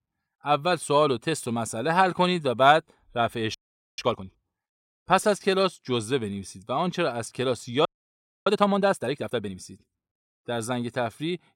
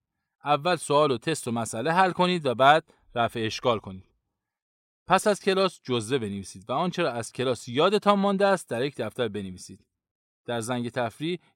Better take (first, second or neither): second